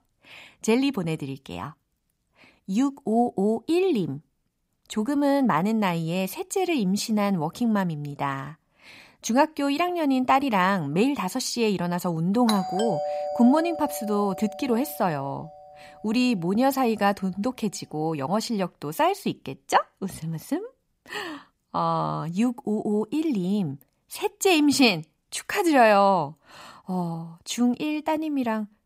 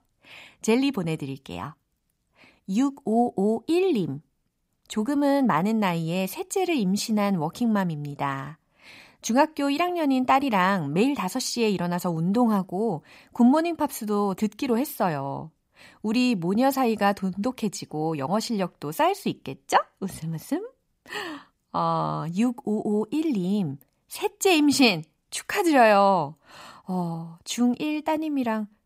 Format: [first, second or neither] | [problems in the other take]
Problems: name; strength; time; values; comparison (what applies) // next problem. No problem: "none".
second | doorbell; noticeable; from 12 to 15 s; peak 4 dB below the speech